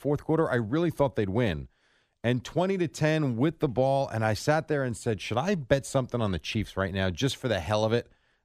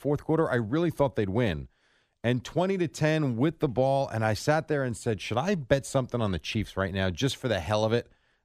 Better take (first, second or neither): neither